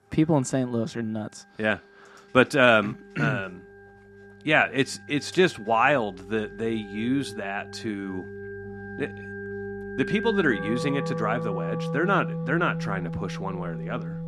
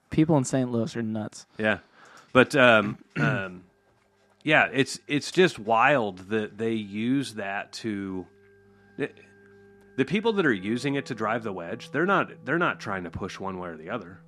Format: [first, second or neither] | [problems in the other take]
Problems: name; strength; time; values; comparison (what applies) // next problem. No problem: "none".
second | background music; loud; throughout; 8 dB below the speech; faint in the second